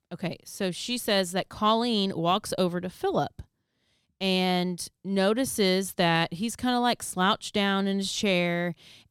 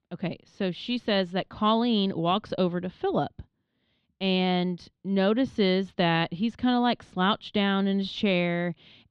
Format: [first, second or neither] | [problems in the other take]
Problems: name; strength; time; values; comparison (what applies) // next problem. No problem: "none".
first | muffled; very slightly; fading above 3.5 kHz